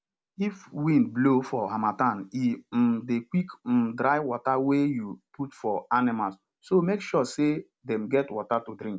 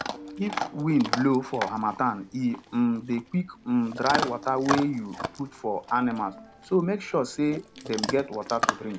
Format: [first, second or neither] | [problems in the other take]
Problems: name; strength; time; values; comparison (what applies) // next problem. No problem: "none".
first | background sound (Chewing, mastication / Dog); 7 dB below the speech